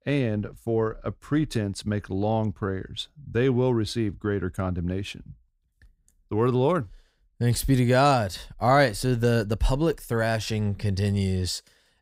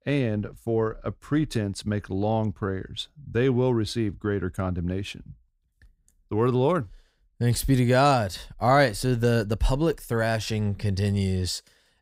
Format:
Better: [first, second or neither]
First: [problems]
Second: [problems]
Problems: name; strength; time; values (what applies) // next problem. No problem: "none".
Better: neither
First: none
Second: none